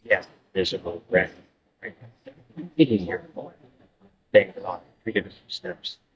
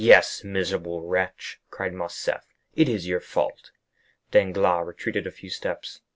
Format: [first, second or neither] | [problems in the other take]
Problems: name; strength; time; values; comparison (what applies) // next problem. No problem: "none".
second | noise reduction (neural mask model DeepFilterNet 3)